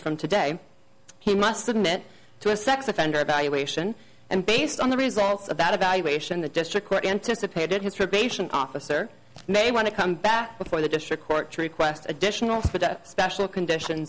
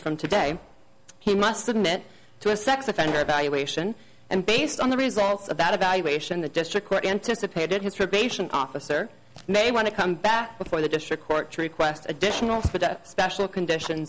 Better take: first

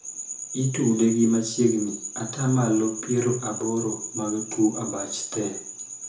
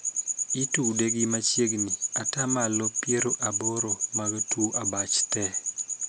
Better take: second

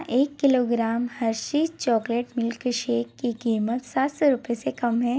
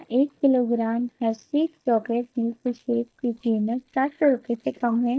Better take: first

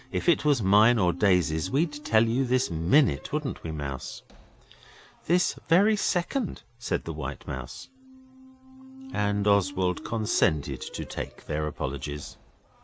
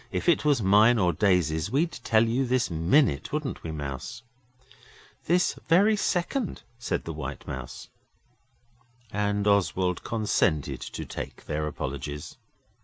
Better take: second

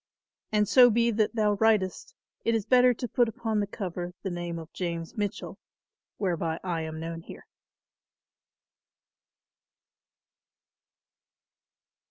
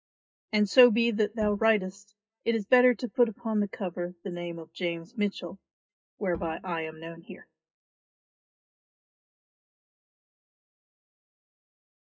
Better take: first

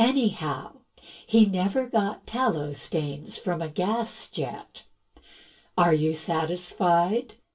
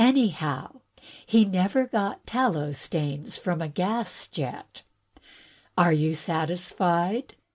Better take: second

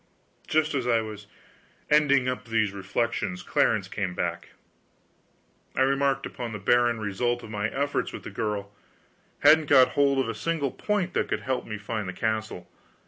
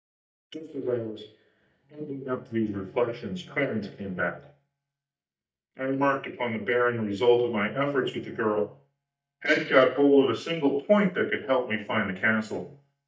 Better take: first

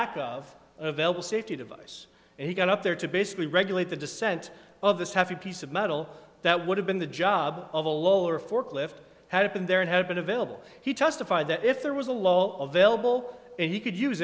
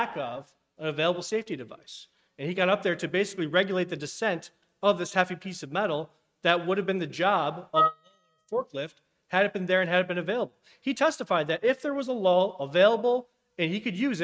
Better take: first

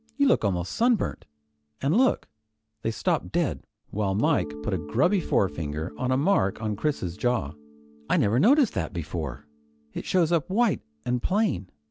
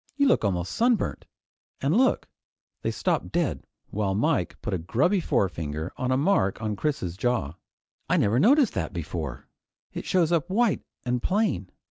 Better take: second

